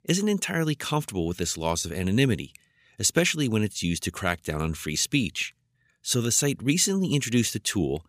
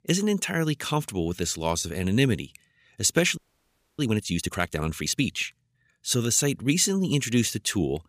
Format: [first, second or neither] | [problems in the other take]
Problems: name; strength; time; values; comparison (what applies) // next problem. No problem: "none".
first | audio freezing; at 3.5 s for 0.5 s